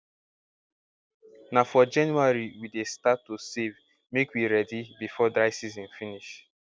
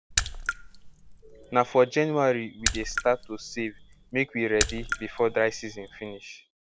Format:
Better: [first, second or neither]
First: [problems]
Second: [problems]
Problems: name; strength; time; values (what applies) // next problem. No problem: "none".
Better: first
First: none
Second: background sound (Raindrop / Splash, splatter); 6 dB below the speech